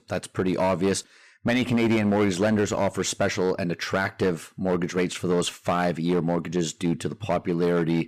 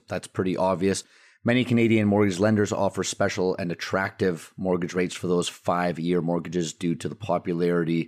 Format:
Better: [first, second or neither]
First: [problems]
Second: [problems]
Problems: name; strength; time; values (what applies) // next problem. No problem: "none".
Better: second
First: distortion; slight; 10% of the sound clipped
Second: none